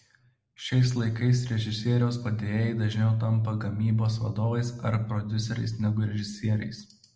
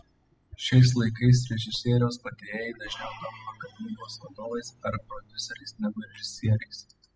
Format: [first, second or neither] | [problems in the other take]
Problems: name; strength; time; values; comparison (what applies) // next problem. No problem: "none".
first | noise reduction (classical method spectral subtraction)